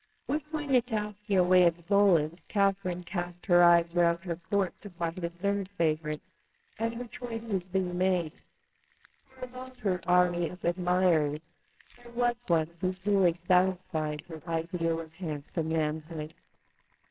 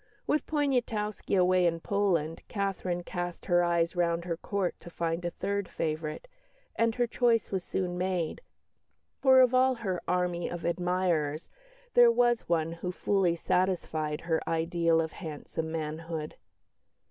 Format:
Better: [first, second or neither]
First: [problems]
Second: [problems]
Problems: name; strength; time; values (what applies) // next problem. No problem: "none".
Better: second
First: noise reduction (neural separator model SepFormer WHAMR!)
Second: none